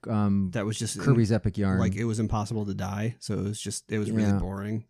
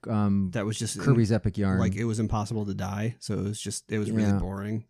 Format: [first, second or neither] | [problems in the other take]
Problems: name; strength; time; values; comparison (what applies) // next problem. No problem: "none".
neither | none